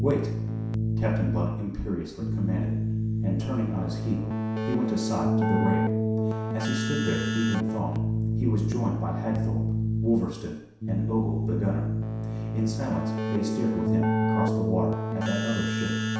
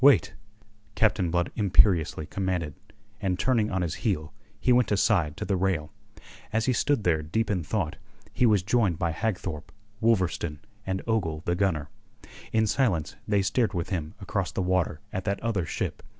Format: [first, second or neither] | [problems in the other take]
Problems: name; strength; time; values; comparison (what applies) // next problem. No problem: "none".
second | background sound (Keyboard (musical)); 4 dB above the speech // room echo; dies away in 0.7 s